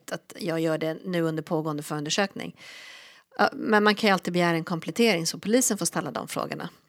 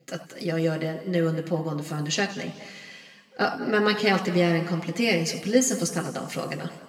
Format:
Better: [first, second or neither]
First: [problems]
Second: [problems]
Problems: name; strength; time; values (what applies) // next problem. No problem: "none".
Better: first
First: none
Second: room echo; noticeable; dies away in 1.5 s // off-mic speech; somewhat distant